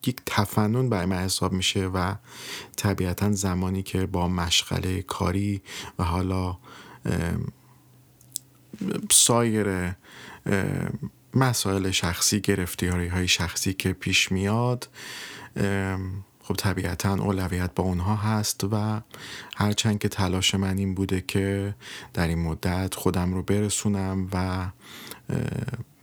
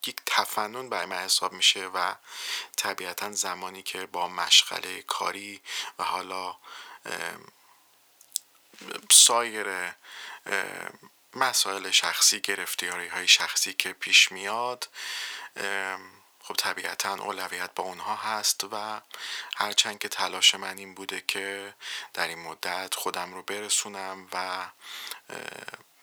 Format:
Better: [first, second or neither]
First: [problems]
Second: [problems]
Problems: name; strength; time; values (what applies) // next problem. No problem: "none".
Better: first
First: none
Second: thin; very; fading below 800 Hz